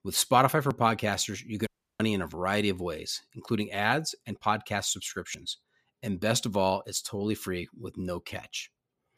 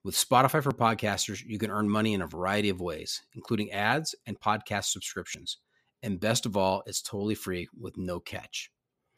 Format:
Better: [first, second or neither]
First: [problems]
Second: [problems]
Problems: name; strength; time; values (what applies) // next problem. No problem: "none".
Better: second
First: audio cutting out; at 1.5 s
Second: none